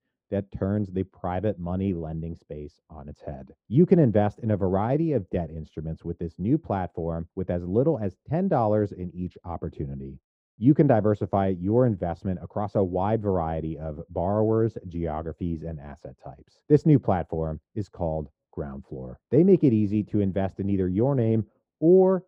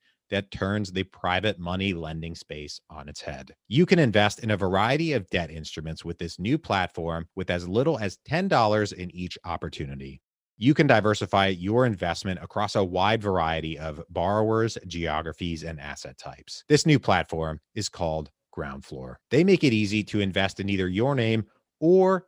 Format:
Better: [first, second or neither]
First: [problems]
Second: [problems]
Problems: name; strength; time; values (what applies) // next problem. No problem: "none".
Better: second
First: muffled; very; fading above 1.5 kHz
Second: none